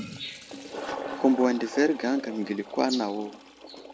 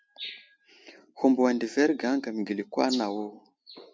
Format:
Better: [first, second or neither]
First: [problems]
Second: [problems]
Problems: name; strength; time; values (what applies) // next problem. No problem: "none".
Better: second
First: background sound (Toilet flush); 11 dB below the speech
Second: none